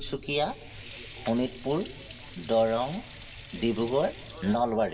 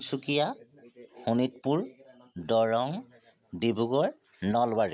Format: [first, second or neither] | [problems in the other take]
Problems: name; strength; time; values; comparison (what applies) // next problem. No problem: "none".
second | background sound (Sink (filling or washing) / Water); 15 dB below the speech // room echo; dies away in 1.7 s